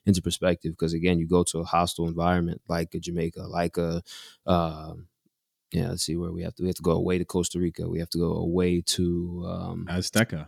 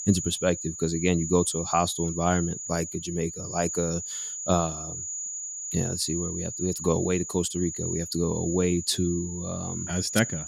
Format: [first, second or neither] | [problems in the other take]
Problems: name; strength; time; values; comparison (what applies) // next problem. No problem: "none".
first | high-pitched whine; loud; throughout; 7 kHz, 5 dB below the speech